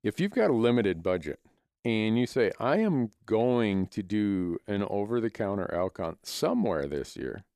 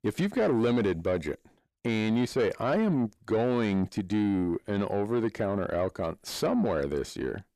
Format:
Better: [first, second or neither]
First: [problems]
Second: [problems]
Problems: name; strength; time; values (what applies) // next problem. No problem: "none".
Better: first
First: none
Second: distortion; slight; 10 dB below the speech